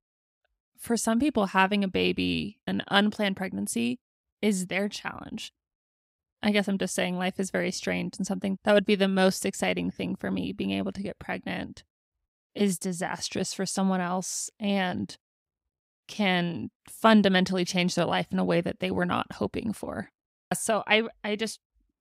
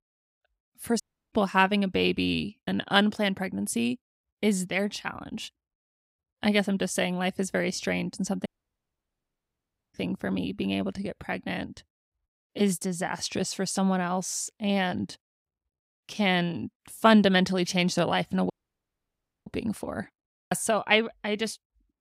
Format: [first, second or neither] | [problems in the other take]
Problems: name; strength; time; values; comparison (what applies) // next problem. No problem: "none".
first | audio cutting out; at 1 s, at 8.5 s for 1.5 s and at 19 s for 1 s